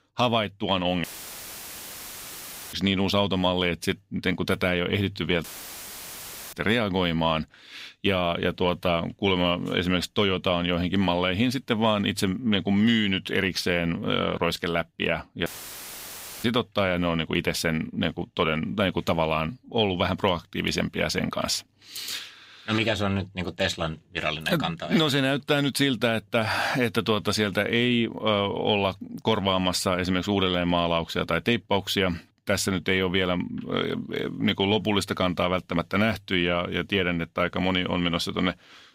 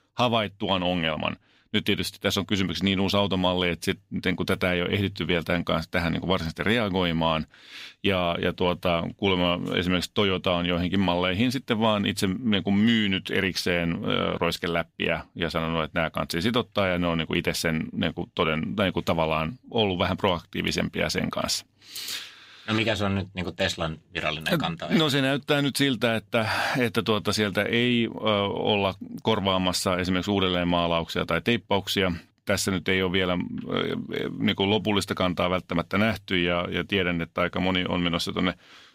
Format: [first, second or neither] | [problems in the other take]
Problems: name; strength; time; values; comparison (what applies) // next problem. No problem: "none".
second | audio cutting out; filled with static; at 1 s for 1.5 s, at 5.5 s for 1 s and at 15 s for 1 s